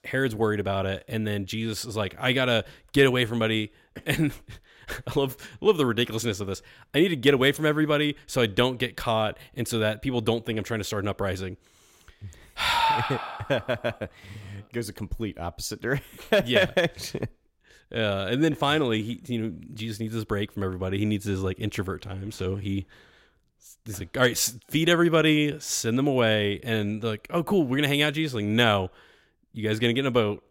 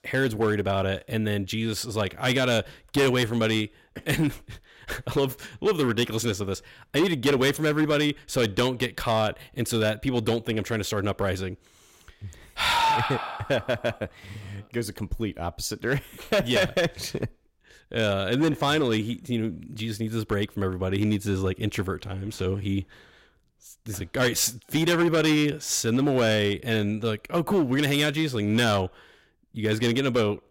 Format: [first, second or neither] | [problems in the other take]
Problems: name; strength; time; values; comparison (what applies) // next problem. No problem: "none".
first | distortion; slight; 5% of the sound clipped